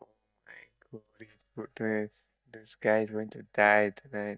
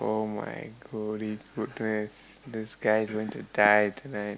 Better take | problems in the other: second | noise reduction (neural mask model DeepFilterNet 3)

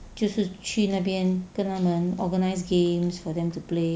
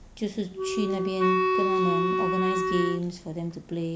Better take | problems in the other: first | background sound (Wind instrument, woodwind instrument); 4 dB above the speech

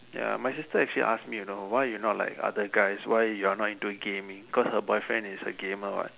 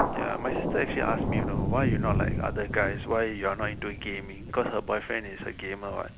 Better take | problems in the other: first | background sound (Thunder); as loud as the speech

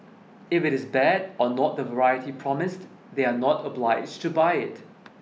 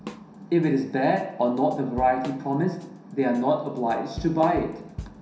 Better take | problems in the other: first | background sound (Drum / Drum kit); 17 dB below the speech // room echo; dies away in 0.7 s

